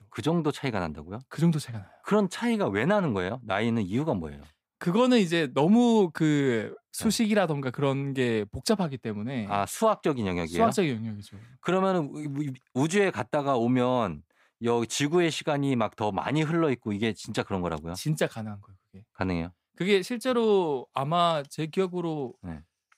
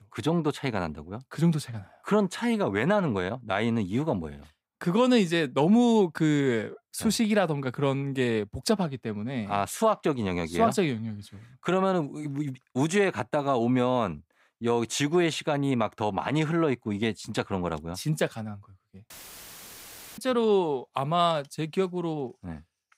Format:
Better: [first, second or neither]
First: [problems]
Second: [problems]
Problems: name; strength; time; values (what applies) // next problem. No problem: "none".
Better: first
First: none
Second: audio cutting out; filled with static; at 19 s for 1 s